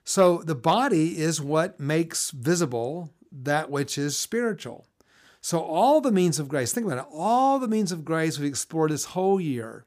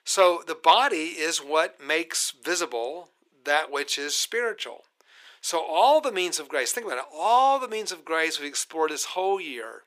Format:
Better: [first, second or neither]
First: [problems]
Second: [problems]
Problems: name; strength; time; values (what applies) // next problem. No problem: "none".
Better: first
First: none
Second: thin; very; fading below 400 Hz